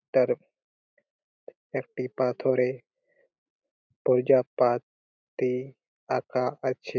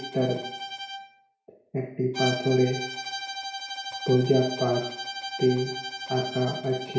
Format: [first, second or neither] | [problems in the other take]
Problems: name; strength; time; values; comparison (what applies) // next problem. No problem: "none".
first | background sound (Bowed string instrument); 8 dB below the speech // room echo; dies away in 0.6 s